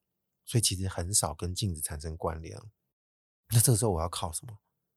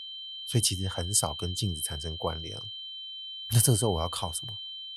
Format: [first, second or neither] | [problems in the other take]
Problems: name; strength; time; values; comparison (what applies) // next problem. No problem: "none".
first | high-pitched whine; loud; throughout; 3 kHz, 9 dB below the speech